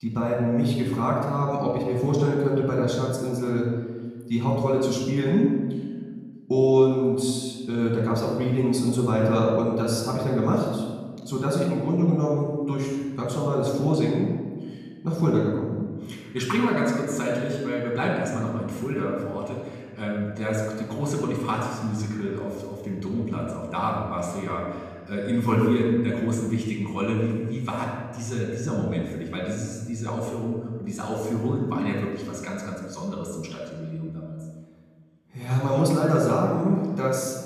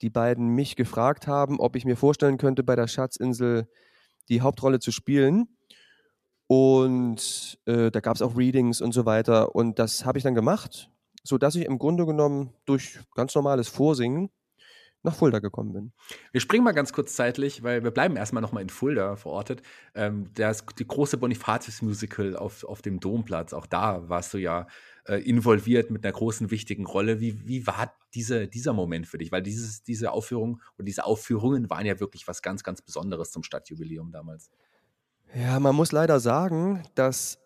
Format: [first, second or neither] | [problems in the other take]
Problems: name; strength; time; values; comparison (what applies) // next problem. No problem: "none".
second | off-mic speech; far // room echo; noticeable; dies away in 1.3 s